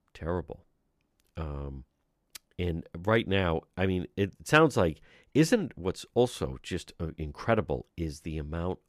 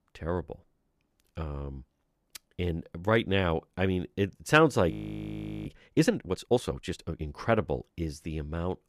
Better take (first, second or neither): first